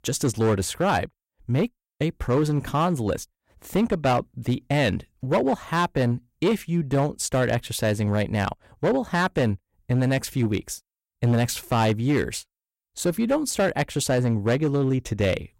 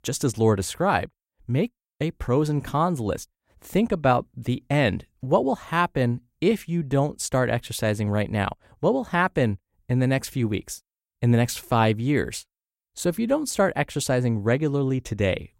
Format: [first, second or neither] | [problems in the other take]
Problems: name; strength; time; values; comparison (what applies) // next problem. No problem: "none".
second | distortion; slight; 7% of the sound clipped